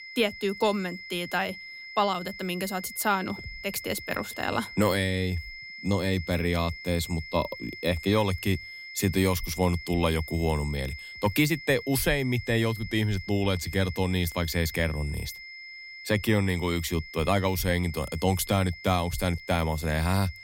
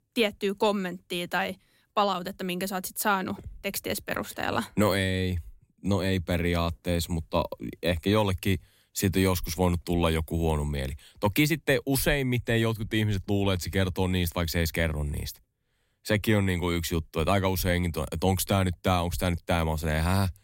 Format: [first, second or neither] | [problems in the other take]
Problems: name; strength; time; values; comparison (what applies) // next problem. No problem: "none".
second | high-pitched whine; noticeable; throughout; 2 kHz, 10 dB below the speech